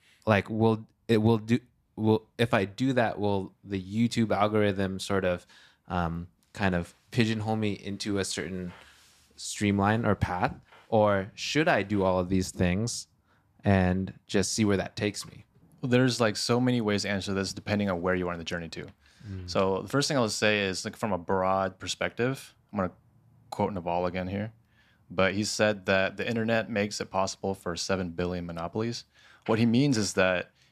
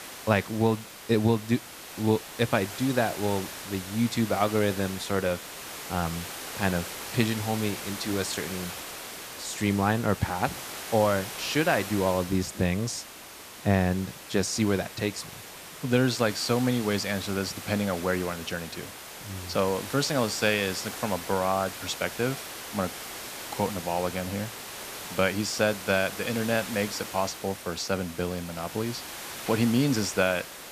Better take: first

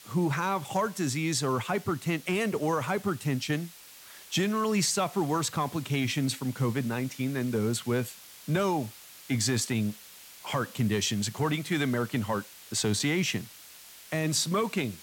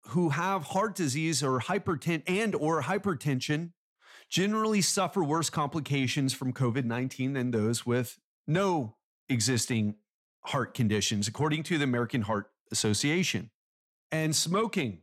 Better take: second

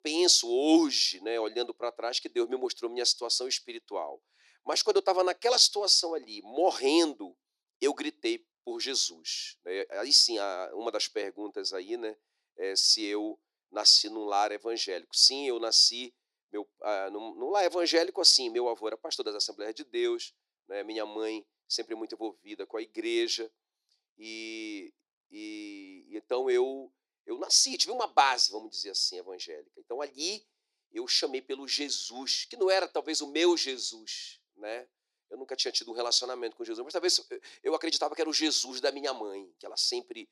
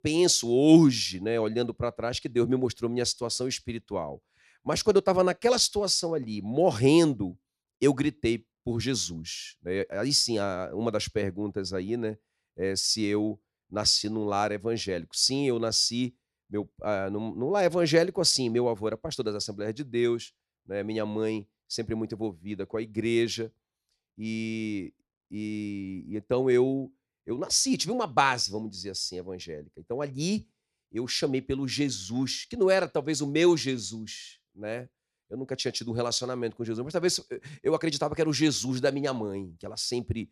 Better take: second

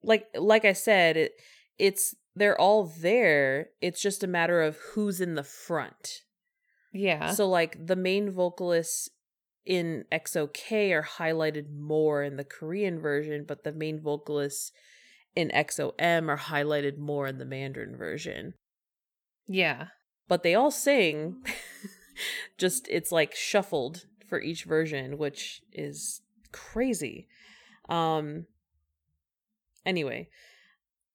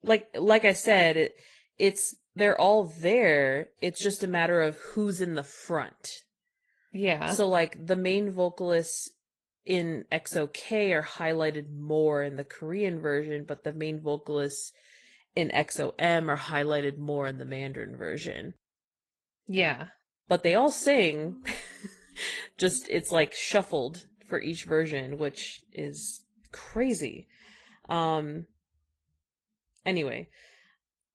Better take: first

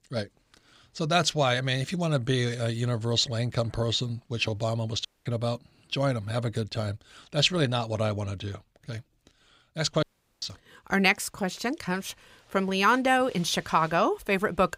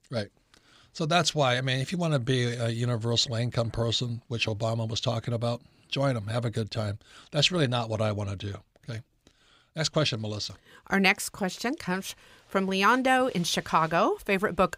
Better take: second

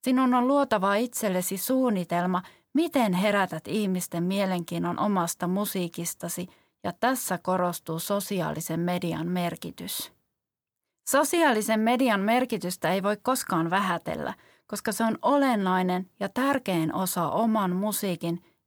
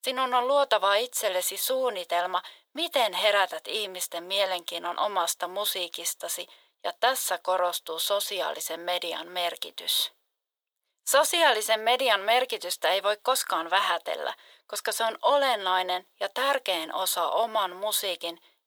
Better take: first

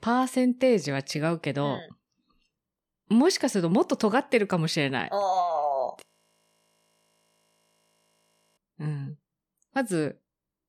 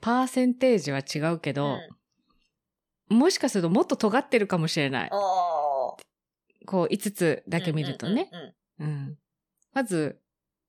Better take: second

